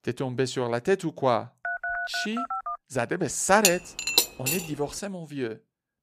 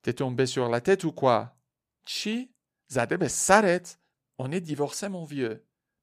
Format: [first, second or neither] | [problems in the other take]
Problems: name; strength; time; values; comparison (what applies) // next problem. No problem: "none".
second | phone ringing; noticeable; from 1.5 to 3 s; peak 2 dB below the speech // clattering dishes; loud; at 3.5 s; peak 5 dB above the speech